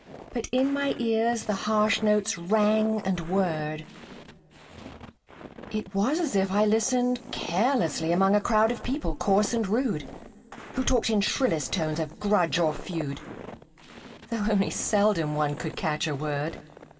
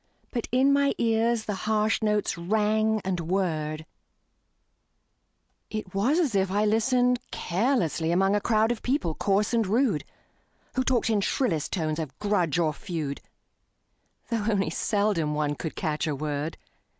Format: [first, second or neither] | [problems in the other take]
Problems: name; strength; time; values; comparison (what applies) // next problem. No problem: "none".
second | background sound (Walk, footsteps); 16 dB below the speech // room echo; dies away in 3 s